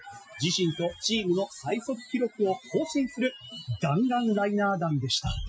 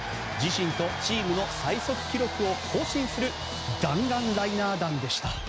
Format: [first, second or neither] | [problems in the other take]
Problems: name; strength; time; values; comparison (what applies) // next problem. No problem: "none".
second | noise reduction (classical method Wiener filter)